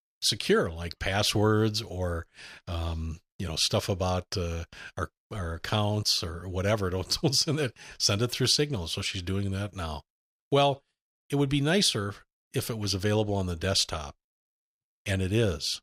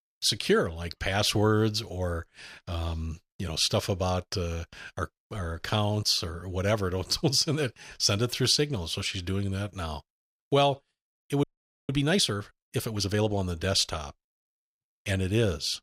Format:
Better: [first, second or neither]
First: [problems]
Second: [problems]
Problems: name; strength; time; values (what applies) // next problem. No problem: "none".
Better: first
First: none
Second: audio freezing; at 11 s